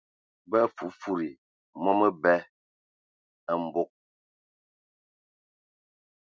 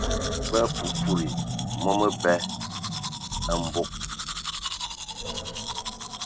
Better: first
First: none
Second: background sound (Domestic sounds, home sounds + Animal); as loud as the speech

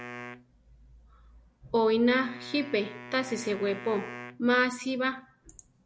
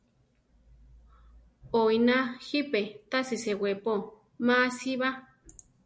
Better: second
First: background sound (Wind instrument, woodwind instrument); 16 dB below the speech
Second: none

